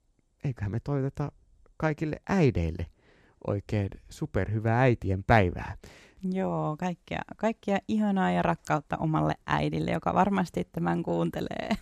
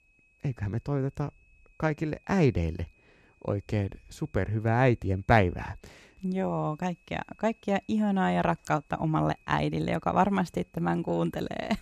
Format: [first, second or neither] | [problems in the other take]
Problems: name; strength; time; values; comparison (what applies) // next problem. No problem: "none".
first | high-pitched whine; faint; throughout; 2.5 kHz, 35 dB below the speech